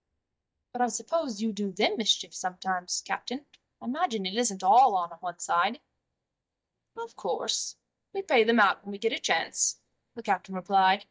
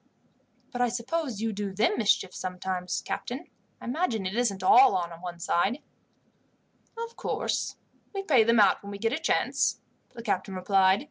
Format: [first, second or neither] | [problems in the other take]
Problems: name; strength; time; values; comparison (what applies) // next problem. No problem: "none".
second | noise reduction (neural mask model DeepFilterNet 3)